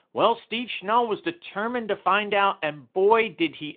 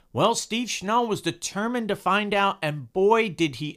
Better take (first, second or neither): second